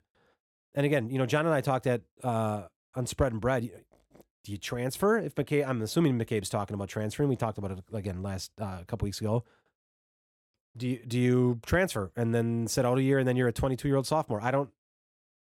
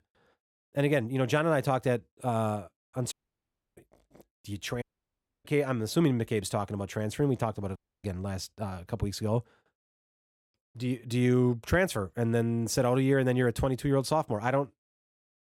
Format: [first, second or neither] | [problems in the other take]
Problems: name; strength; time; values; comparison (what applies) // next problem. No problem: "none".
first | audio cutting out; at 3 s for 0.5 s, at 5 s for 0.5 s and at 8 s